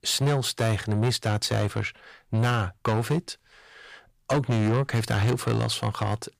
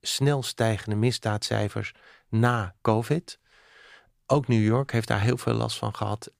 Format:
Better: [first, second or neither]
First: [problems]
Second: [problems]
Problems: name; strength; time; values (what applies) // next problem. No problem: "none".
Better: second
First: distortion; heavy; 8 dB below the speech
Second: none